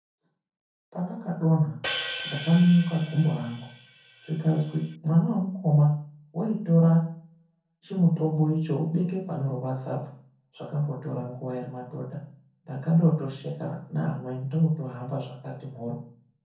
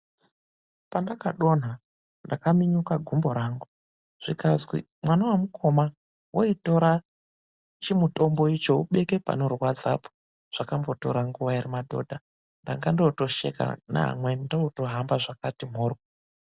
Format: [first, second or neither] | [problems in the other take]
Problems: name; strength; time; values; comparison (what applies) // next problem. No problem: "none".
second | background sound (Hi-hat); 11 dB below the speech // room echo; dies away in 0.5 s